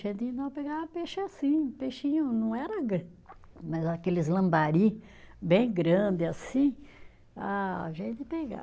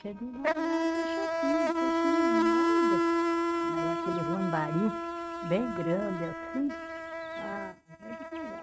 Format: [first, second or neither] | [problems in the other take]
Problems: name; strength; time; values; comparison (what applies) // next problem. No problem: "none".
first | noise reduction (neural mask model RNNoise)